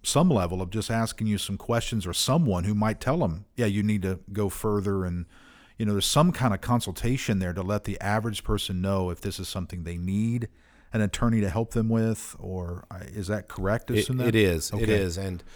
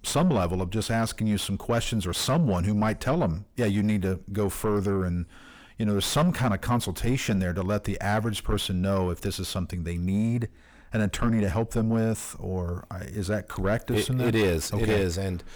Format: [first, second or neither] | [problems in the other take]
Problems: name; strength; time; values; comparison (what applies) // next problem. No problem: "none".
first | distortion; slight; 9 dB below the speech